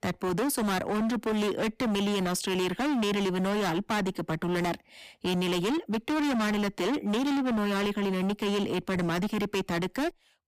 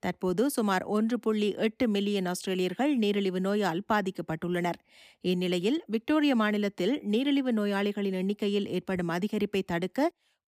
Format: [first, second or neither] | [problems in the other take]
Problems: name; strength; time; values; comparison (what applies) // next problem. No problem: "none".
second | distortion; heavy; 38% of the sound clipped